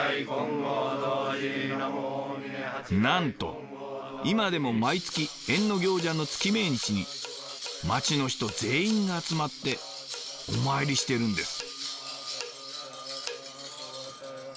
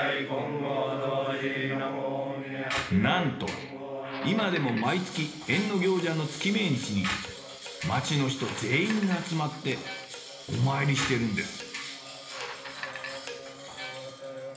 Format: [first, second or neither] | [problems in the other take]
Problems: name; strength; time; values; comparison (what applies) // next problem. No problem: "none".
first | background sound (Squeak); 10 dB below the speech // room echo; dies away in 1.1 s